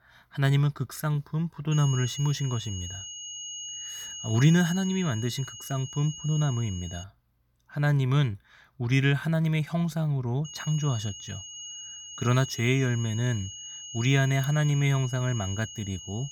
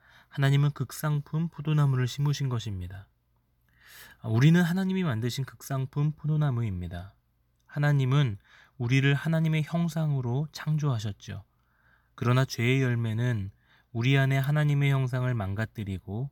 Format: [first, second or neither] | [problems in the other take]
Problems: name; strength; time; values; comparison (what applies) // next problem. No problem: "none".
second | high-pitched whine; noticeable; from 1.5 to 7 s and from 10 s on; 3 kHz, 10 dB below the speech